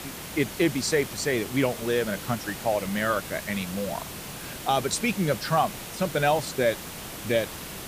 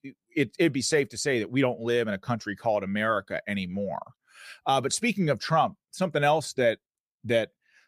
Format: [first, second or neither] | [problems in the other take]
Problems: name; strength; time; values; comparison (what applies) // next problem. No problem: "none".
second | hiss; loud; throughout; 9 dB below the speech